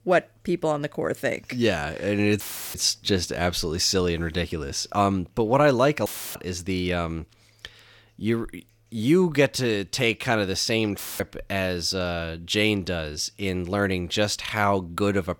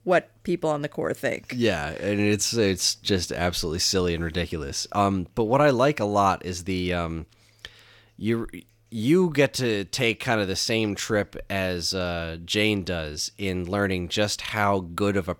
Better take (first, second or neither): second